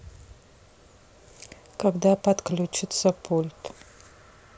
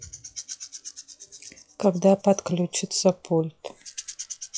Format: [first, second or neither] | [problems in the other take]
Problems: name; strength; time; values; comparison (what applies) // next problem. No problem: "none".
first | noise reduction (classical method log-MMSE)